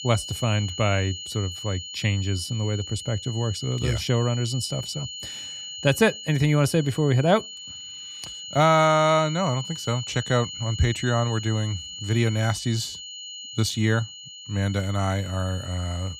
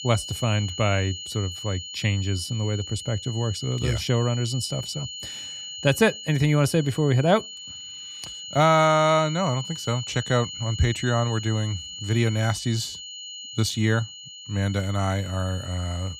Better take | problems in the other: neither | high-pitched whine; noticeable; throughout; 3 kHz, 10 dB below the speech; the same in both

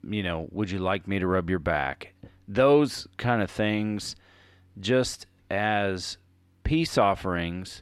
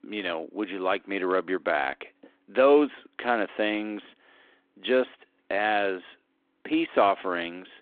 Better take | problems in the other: first | phone-call audio

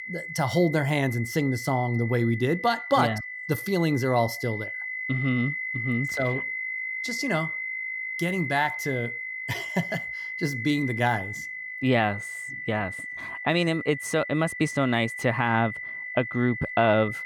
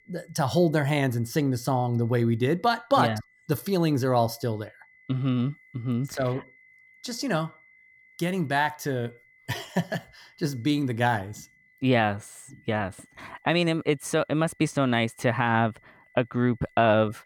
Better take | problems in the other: second | high-pitched whine; loud; throughout; 2 kHz, 6 dB below the speech; faint in the second

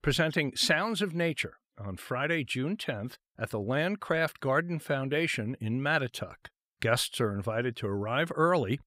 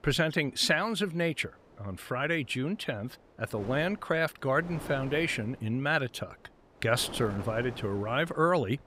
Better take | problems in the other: first | wind noise on the microphone; occasional gusts; 15 dB below the speech

